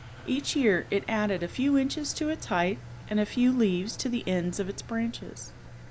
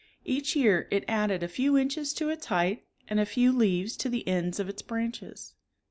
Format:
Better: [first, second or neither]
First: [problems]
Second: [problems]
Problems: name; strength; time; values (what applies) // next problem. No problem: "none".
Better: second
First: background sound (Engine); 16 dB below the speech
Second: none